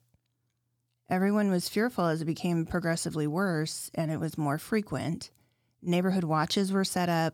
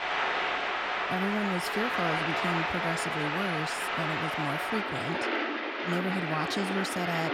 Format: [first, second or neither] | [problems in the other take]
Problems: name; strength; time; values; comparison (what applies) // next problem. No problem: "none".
first | rain or running water; very loud; throughout; 4 dB above the speech